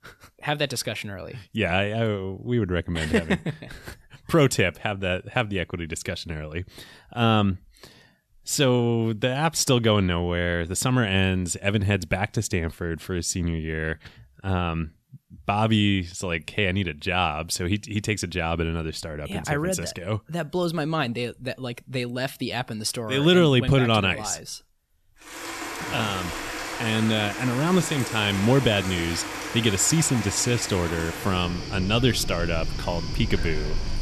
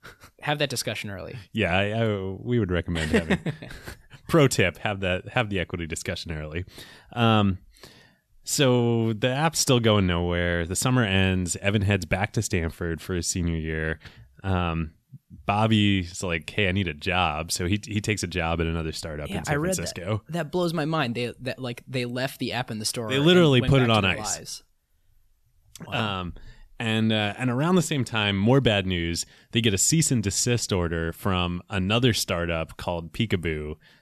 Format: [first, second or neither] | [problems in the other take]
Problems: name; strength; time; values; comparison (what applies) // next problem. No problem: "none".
second | rain or running water; loud; from 25 s on; 7 dB below the speech